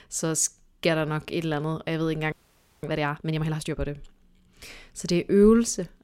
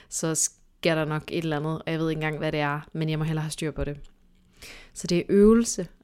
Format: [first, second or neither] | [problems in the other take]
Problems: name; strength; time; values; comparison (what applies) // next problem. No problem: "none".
second | audio freezing; at 2.5 s for 0.5 s